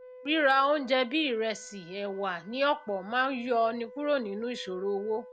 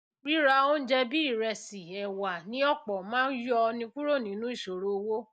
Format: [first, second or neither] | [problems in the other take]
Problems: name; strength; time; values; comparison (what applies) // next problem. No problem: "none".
second | background sound (Wind instrument, woodwind instrument); 20 dB below the speech